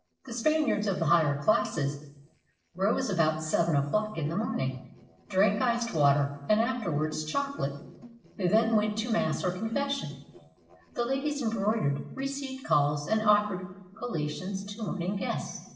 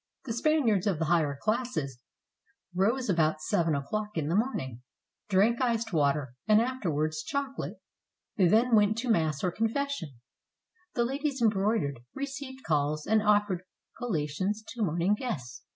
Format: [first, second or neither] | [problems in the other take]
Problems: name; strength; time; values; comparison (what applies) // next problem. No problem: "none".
second | noise reduction (neural separator model SepFormer DNS4)